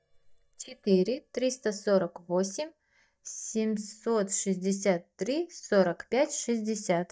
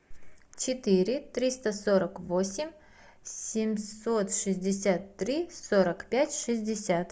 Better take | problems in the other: second | noise reduction (neural mask model DeepFilterNet 3)

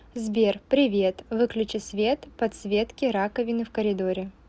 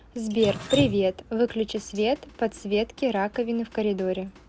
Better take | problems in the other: first | background sound (Drip); 13 dB below the speech

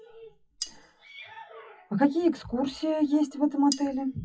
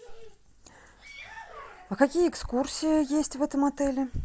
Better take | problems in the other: second | noise reduction (classical method WPE with log-MMSE)

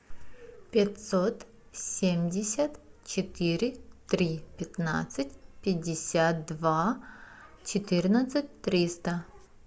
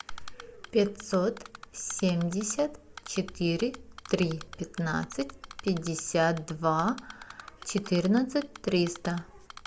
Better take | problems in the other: first | background sound (Typing); 19 dB below the speech

